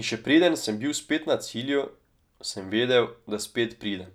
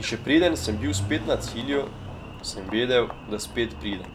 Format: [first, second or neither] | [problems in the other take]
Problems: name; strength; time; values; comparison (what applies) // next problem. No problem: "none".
first | background sound (Engine); 8 dB below the speech